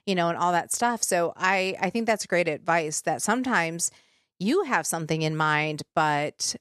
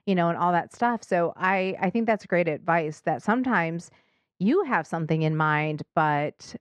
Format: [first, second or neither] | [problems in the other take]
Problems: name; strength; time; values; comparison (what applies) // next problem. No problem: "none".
first | muffled; very; fading above 2 kHz